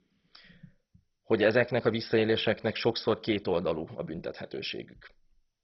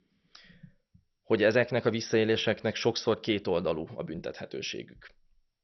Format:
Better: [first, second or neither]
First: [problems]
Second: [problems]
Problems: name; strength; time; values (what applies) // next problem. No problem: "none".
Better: second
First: garbled, watery; badly; nothing above 5.5 kHz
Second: garbled, watery; slightly; nothing above 6 kHz